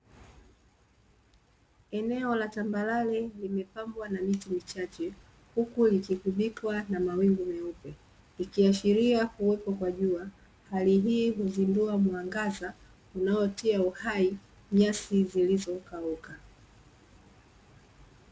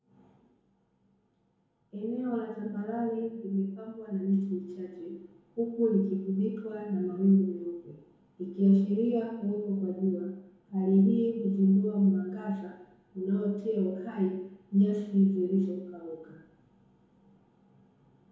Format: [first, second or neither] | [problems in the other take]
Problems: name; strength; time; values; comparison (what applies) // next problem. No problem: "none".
first | room echo; dies away in 0.9 s